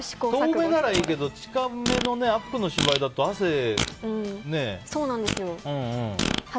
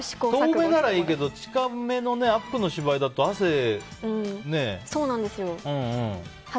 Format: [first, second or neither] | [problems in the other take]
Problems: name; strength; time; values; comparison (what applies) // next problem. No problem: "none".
second | background sound (Fart); 6 dB below the speech